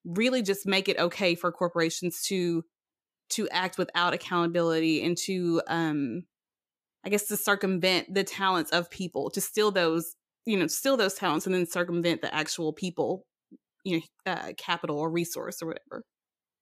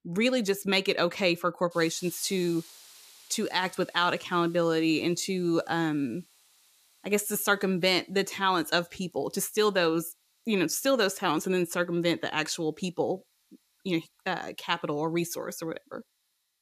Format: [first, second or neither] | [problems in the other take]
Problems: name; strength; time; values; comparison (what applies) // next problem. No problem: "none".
first | hiss; faint; throughout; 25 dB below the speech